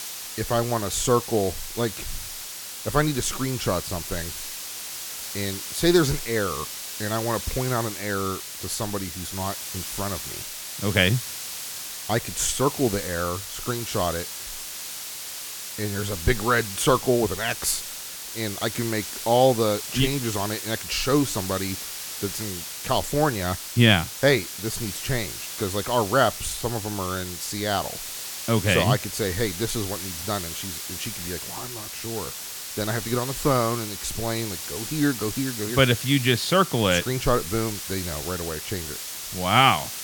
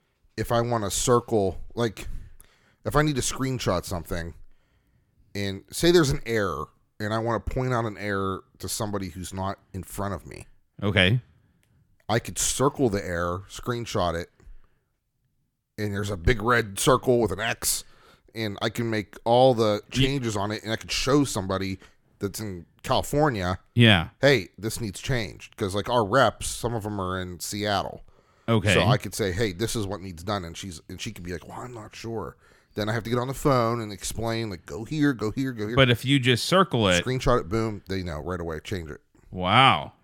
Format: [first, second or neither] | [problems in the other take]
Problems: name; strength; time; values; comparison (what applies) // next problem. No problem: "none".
second | hiss; loud; throughout; 7 dB below the speech